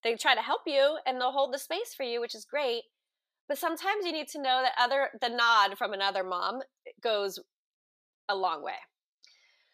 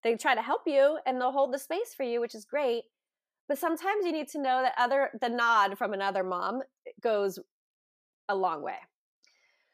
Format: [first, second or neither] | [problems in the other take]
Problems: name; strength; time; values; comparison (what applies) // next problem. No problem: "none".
second | thin; very slightly; fading below 600 Hz